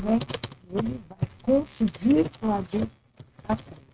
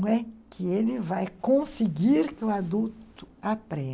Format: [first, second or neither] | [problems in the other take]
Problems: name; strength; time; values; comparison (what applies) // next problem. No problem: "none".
second | noise reduction (neural mask model RNNoise)